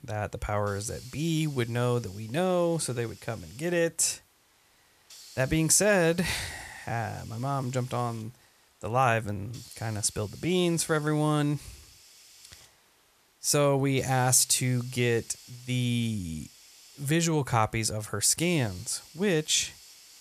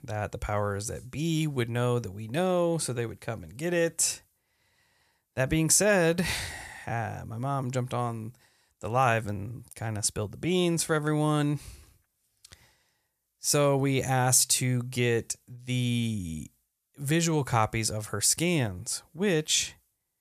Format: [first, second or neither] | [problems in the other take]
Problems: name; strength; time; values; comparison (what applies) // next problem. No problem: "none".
second | hiss; faint; throughout; 20 dB below the speech